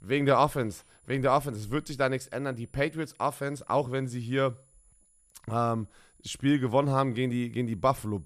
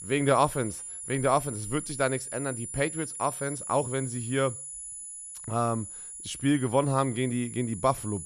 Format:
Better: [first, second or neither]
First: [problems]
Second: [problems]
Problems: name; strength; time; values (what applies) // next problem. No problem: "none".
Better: first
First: high-pitched whine; faint; throughout; 10.5 kHz, 35 dB below the speech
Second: high-pitched whine; loud; throughout; 10.5 kHz, 8 dB below the speech